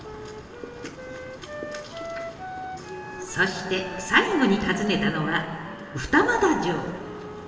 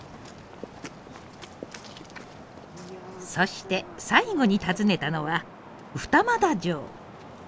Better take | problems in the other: second | background sound (Wind instrument, woodwind instrument); 13 dB below the speech // room echo; dies away in 2.5 s

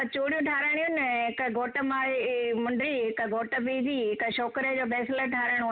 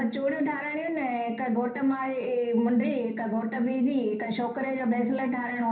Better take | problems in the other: first | room echo; dies away in 0.6 s

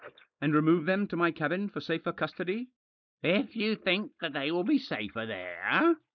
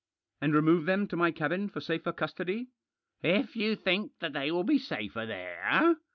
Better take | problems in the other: second | noise reduction (neural mask model Resemble Enhance denoiser)

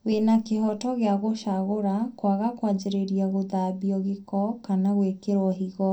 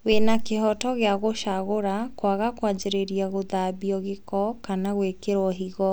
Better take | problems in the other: second | room echo; dies away in 0.2 s

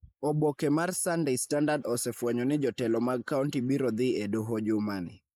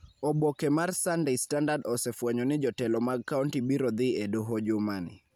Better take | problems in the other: second | noise reduction (neural mask model Resemble Enhance denoiser)

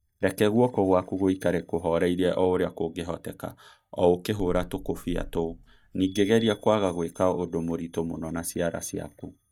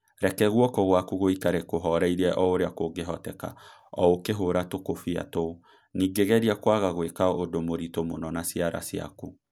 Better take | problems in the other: second | noise reduction (neural mask model DeepFilterNet 3)

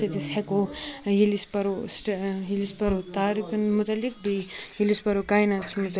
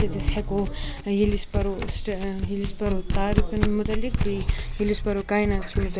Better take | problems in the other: first | background sound (Domestic sounds, home sounds); 1 dB above the speech

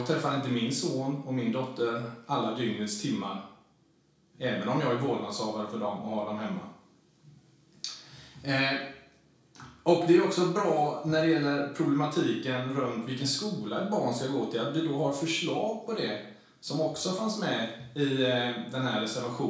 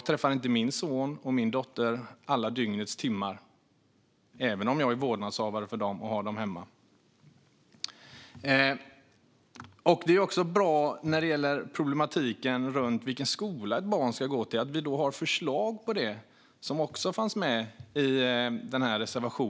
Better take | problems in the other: second | room echo; dies away in 0.6 s

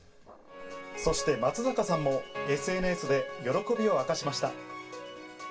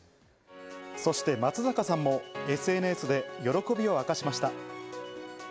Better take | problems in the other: second | background sound (Growling); 17 dB below the speech // room echo; dies away in 0.1 s

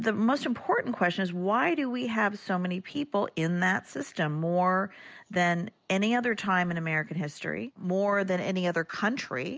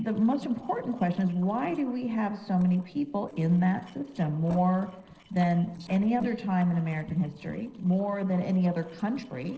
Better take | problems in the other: first | noise reduction (neural separator model SepFormer DNS4)

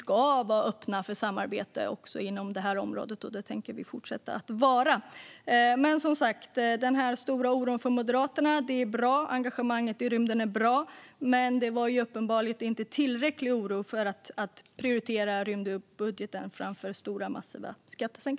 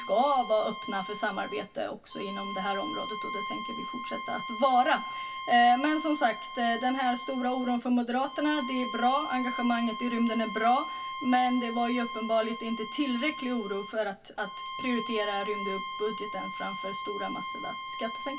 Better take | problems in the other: first | background sound (Bowed string instrument); 8 dB below the speech // room echo; dies away in 0.2 s

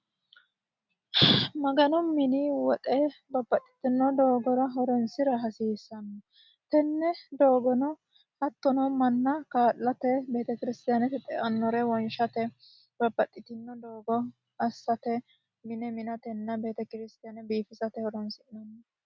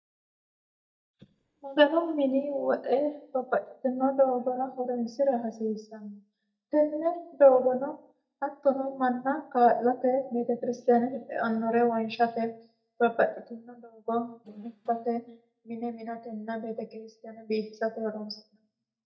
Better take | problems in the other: first | noise reduction (neural mask model DeepFilterNet 3)

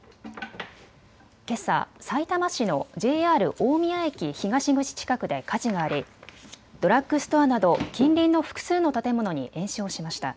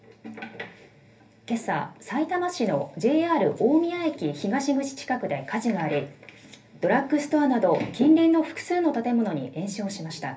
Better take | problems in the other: first | room echo; dies away in 0.3 s

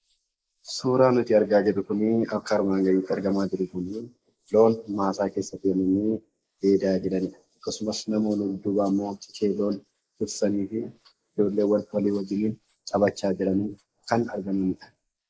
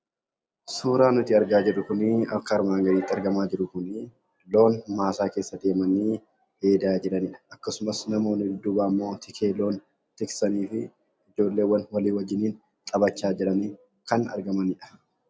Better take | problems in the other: second | noise reduction (neural mask model Resemble Enhance denoiser)

